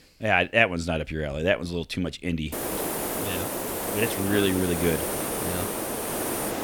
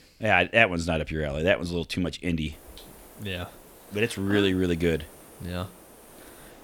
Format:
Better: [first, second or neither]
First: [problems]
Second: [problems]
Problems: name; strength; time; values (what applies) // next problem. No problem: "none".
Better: second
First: hiss; loud; from 2.5 s on; 2 dB below the speech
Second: hiss; faint; from 2.5 s on; 25 dB below the speech